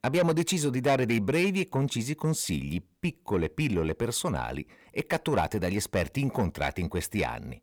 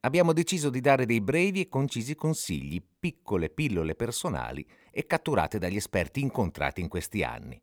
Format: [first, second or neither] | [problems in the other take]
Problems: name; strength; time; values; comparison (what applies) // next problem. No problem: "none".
second | distortion; slight; 10 dB below the speech